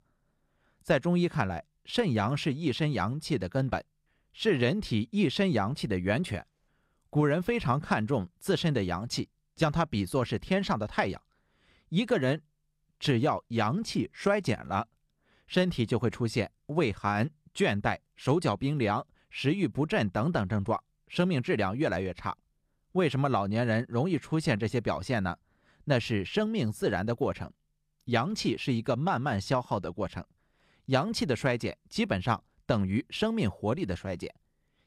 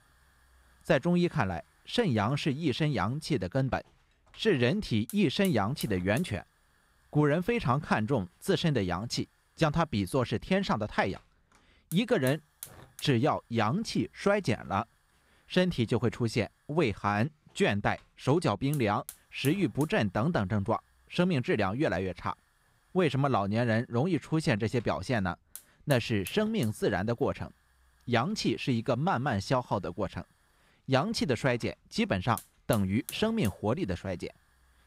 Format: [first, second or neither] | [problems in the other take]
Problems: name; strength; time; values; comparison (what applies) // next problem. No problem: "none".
first | hiss; noticeable; throughout; 20 dB below the speech